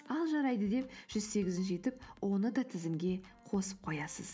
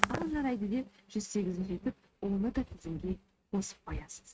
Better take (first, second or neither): first